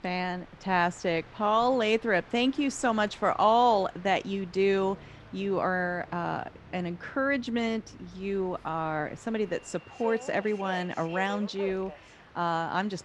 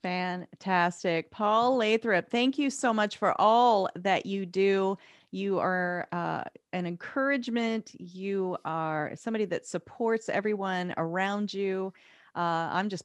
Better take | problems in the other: second | train or aircraft noise; noticeable; throughout; 20 dB below the speech

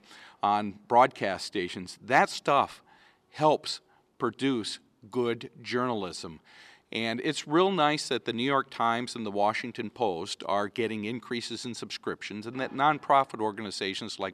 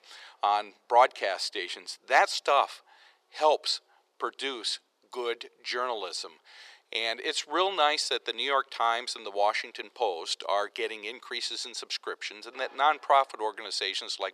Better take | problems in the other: first | thin; very; fading below 450 Hz

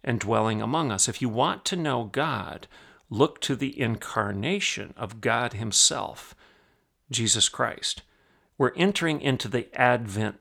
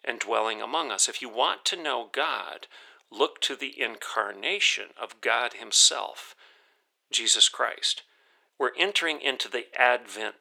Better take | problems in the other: first | thin; very; fading below 400 Hz

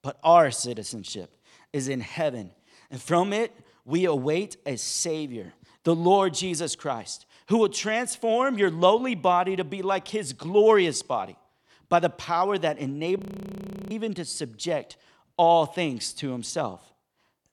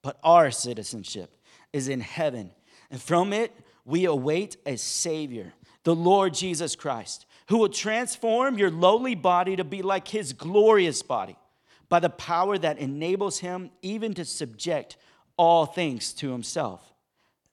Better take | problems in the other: second | audio freezing; at 13 s for 0.5 s

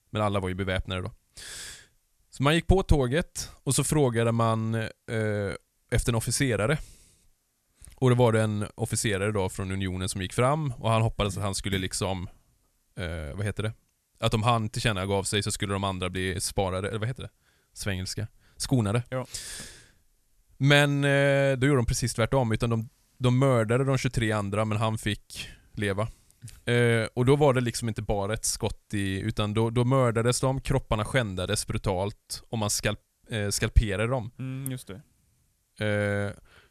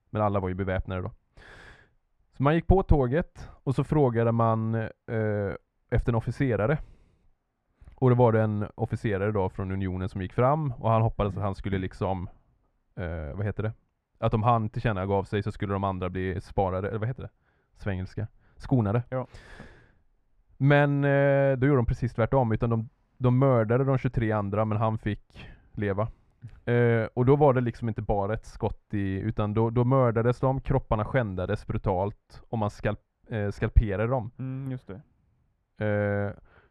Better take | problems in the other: first | muffled; very; fading above 3.5 kHz

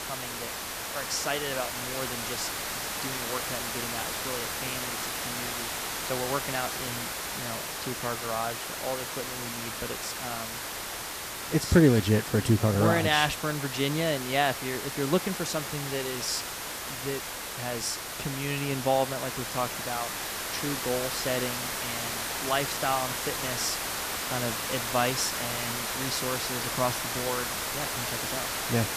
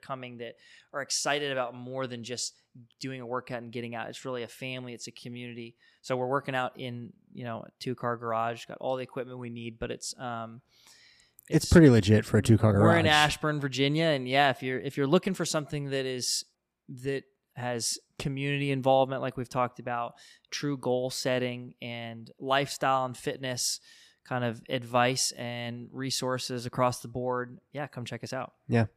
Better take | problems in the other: second | hiss; loud; throughout; 1 dB below the speech

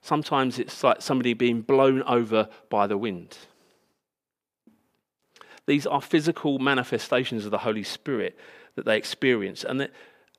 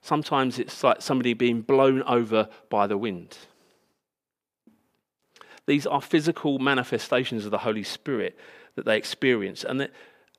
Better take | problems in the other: neither | none

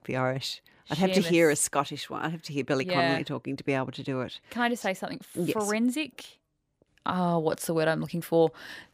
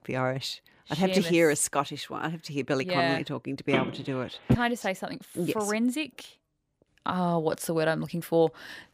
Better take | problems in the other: first | phone ringing; loud; at 3.5 s; peak level with the speech

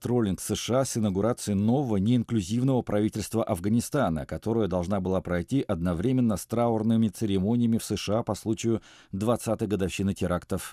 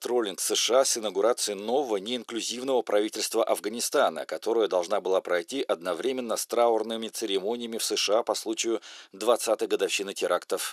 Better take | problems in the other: first | thin; very; fading below 400 Hz

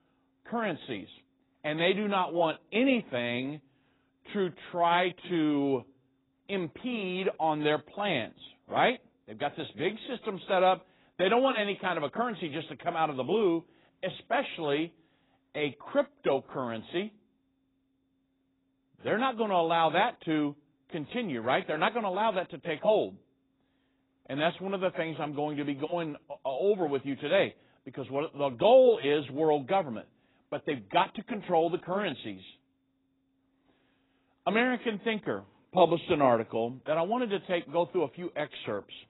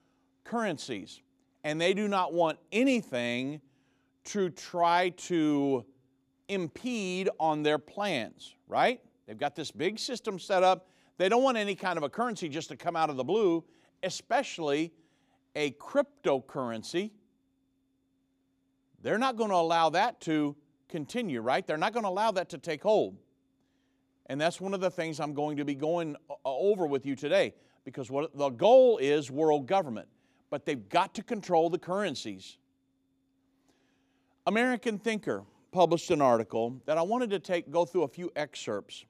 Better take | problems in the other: second | garbled, watery; badly; nothing above 4 kHz

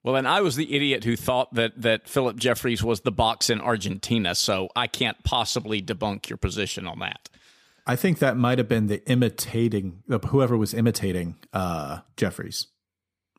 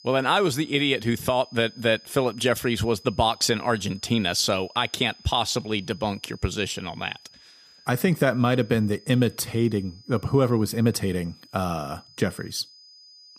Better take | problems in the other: first | high-pitched whine; faint; throughout; 5 kHz, 25 dB below the speech

